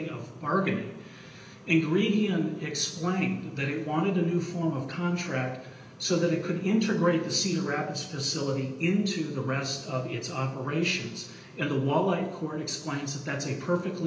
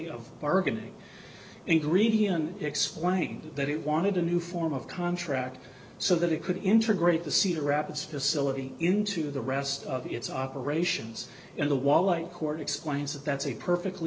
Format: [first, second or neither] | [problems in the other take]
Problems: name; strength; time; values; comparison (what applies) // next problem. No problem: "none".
second | room echo; dies away in 0.8 s